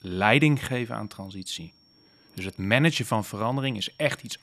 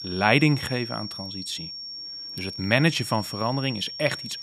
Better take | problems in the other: first | high-pitched whine; loud; throughout; 5.5 kHz, 9 dB below the speech; faint in the first

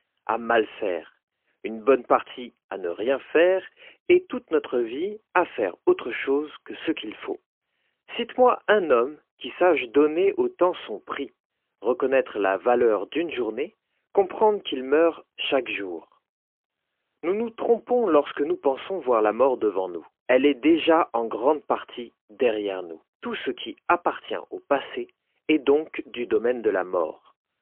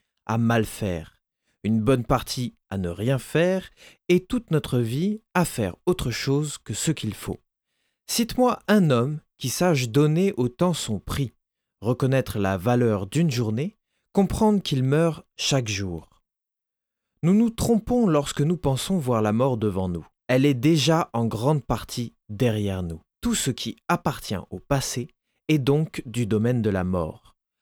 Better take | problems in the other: second | phone-call audio; poor line; nothing above 3.5 kHz

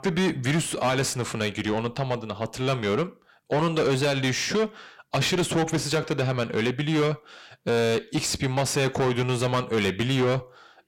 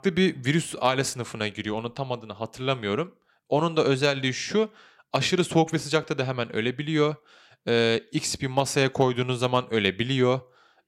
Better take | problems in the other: second | distortion; heavy; 6 dB below the speech

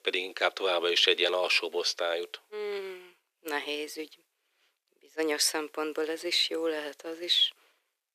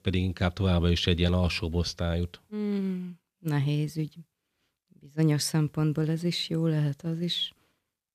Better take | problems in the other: second | thin; very; fading below 400 Hz

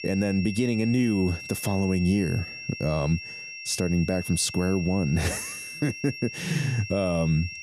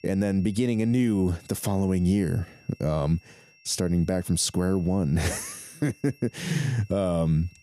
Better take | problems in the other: second | high-pitched whine; loud; throughout; 2.5 kHz, 10 dB below the speech; faint in the second

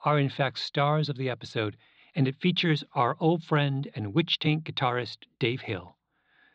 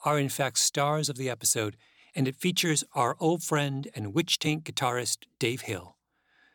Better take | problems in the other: second | muffled; slightly; fading above 4 kHz

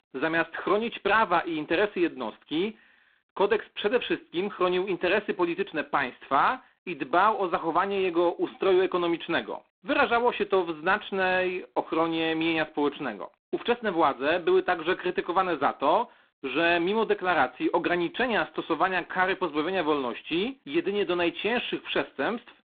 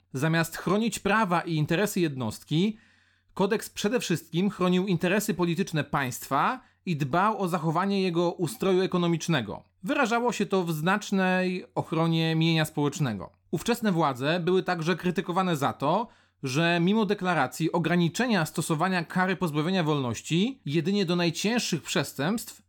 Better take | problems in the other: second | phone-call audio; poor line; nothing above 3.5 kHz

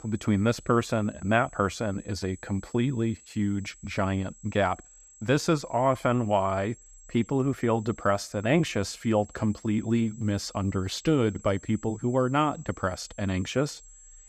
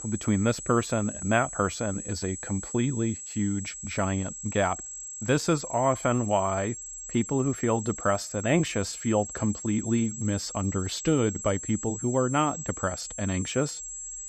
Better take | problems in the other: first | high-pitched whine; loud; throughout; 7.5 kHz, 8 dB below the speech; faint in the first

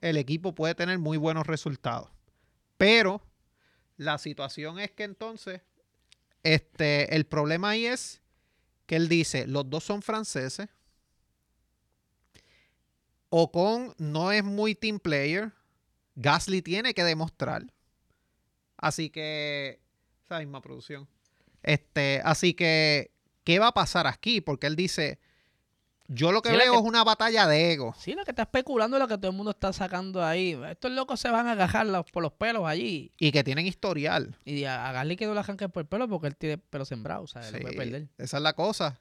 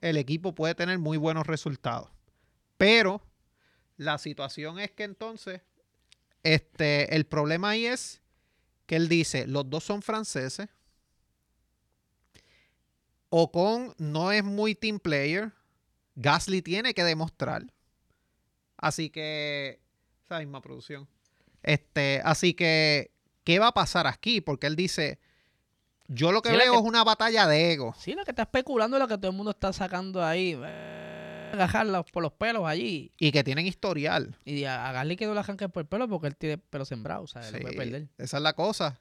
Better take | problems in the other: first | audio freezing; at 31 s for 1 s

